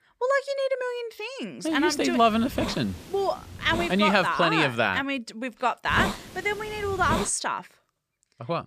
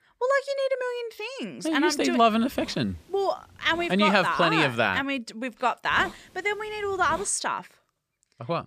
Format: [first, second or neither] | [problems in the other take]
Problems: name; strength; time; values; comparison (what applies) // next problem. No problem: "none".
second | hiss; loud; from 1.5 to 4.5 s and from 6 to 7.5 s; 9 dB below the speech; faint in the second